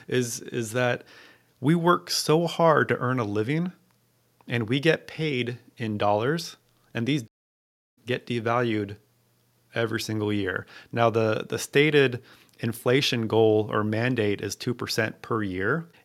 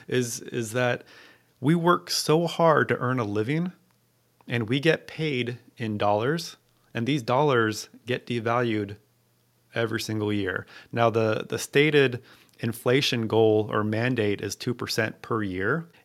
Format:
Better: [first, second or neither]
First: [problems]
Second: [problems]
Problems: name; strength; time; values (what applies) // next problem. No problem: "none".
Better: second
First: audio cutting out; at 7.5 s for 0.5 s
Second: none